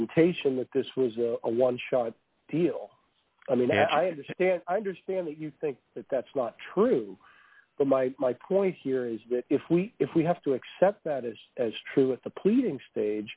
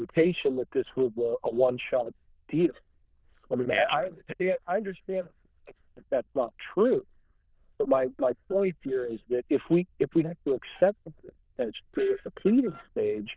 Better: first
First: none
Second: noise reduction (neural diffusion model UNIVERSE++)

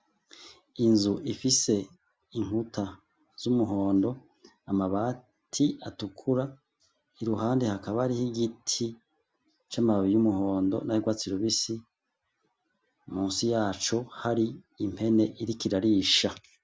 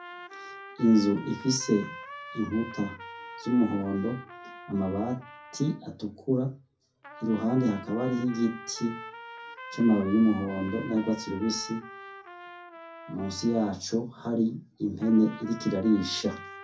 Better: first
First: none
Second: background sound (Trumpet); 15 dB below the speech // room echo; dies away in 0.3 s

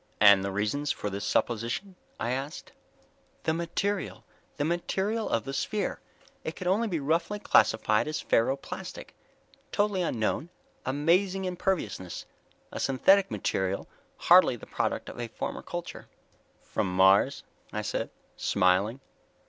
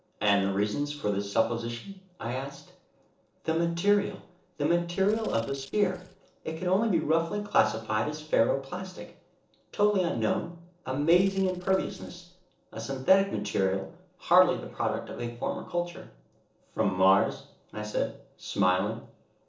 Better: first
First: none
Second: noise reduction (neural separator model SepFormer DNS4)

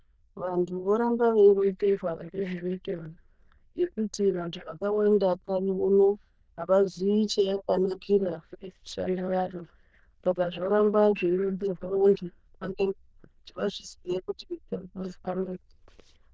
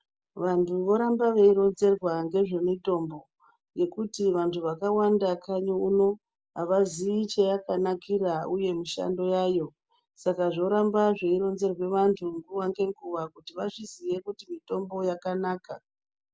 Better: second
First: noise reduction (neural diffusion model UNIVERSE++)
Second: none

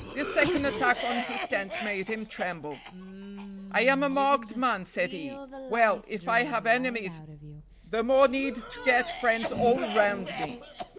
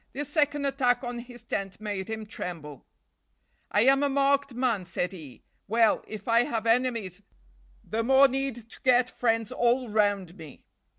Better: second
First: background sound (Cough); 9 dB below the speech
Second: none

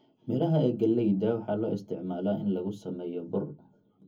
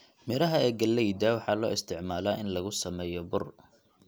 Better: second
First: room echo; dies away in 0.3 s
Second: none

